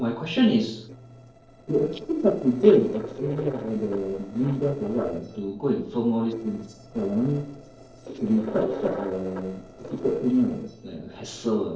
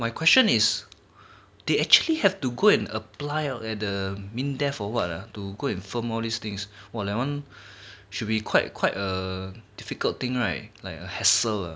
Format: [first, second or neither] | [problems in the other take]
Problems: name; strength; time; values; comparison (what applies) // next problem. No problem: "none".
second | noise reduction (neural separator model SepFormer DNS4)